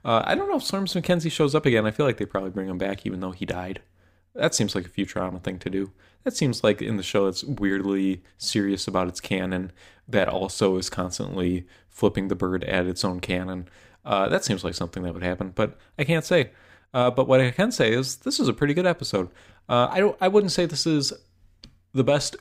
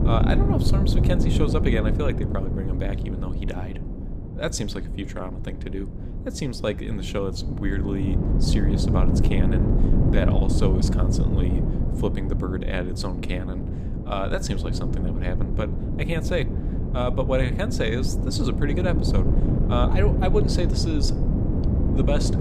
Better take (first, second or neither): first